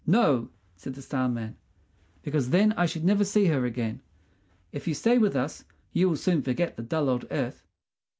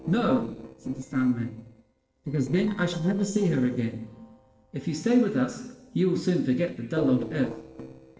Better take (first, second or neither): first